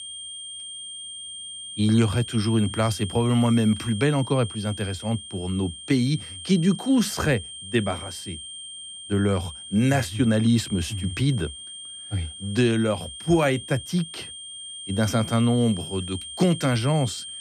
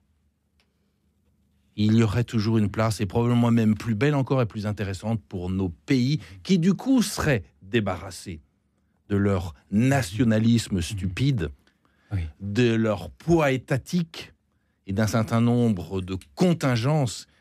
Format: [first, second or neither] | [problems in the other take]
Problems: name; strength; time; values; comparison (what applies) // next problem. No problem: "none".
second | high-pitched whine; noticeable; throughout; 3 kHz, 10 dB below the speech